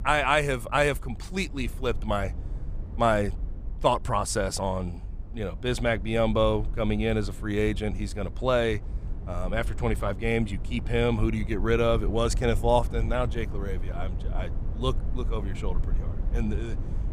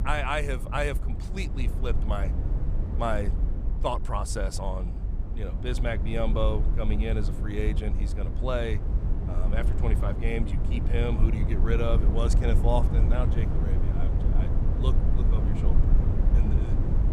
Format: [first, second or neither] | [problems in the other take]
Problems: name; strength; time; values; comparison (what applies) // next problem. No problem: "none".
first | low rumble; loud; throughout; 8 dB below the speech; faint in the first